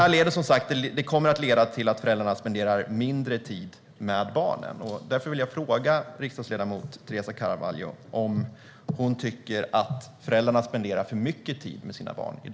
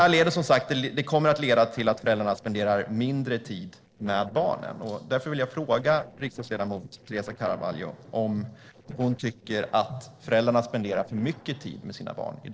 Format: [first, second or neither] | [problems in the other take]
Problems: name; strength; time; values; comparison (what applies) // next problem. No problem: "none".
first | noise reduction (neural separator model SepFormer DNS4)